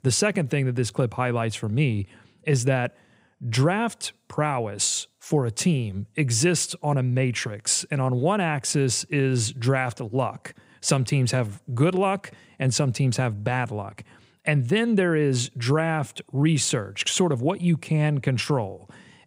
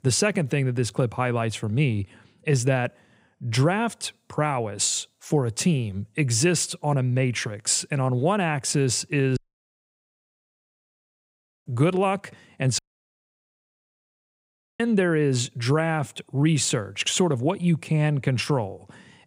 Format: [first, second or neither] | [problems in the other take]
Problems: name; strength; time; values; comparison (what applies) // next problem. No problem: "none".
first | audio cutting out; at 9.5 s for 2.5 s and at 13 s for 2 s